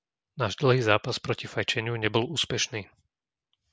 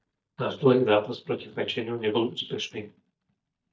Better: first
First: none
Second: noise reduction (neural mask model DeepFilterNet 3)

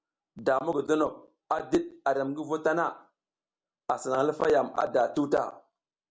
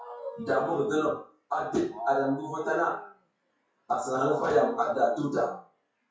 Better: first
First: none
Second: noise reduction (classical method WPE with log-MMSE)

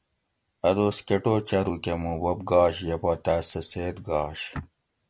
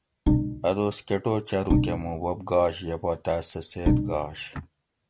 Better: first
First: none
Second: background sound (Bowed string instrument); 2 dB above the speech

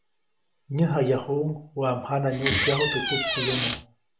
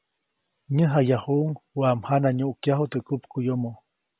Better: second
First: background sound (Door); as loud as the speech // room echo; dies away in 0.6 s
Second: none

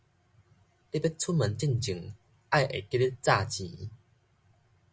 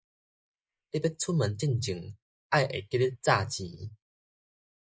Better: first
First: none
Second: noise reduction (neural mask model Resemble Enhance denoiser)

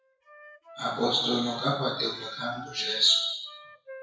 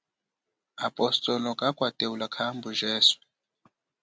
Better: second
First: noise reduction (classical method WPE with log-MMSE)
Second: none

